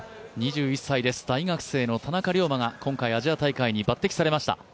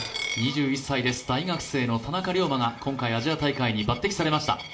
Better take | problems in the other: first | background sound (Coin (dropping)); 13 dB below the speech // room echo; dies away in 0.5 s

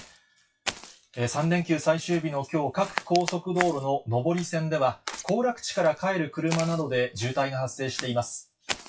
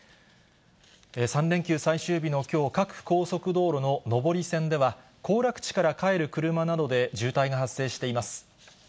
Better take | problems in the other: second | noise reduction (classical method WPE with log-MMSE)

